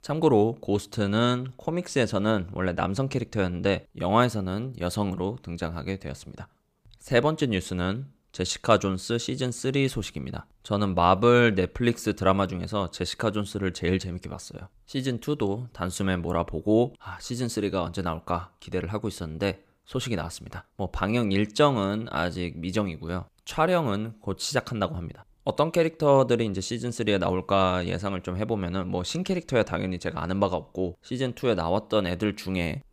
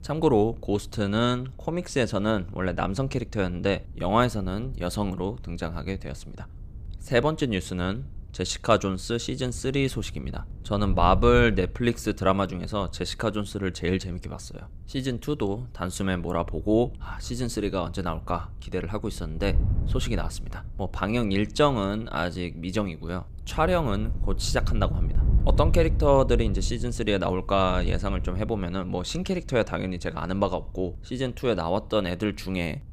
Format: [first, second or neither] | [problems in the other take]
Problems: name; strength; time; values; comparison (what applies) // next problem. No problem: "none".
first | wind noise on the microphone; occasional gusts; 20 dB below the speech